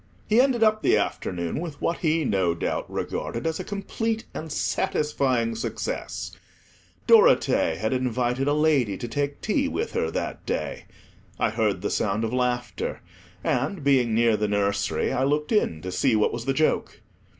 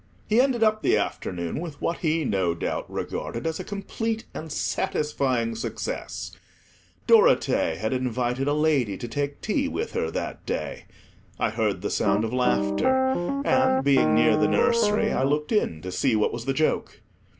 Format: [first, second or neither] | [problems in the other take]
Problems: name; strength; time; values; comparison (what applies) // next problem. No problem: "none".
first | background sound (Piano); 1 dB above the speech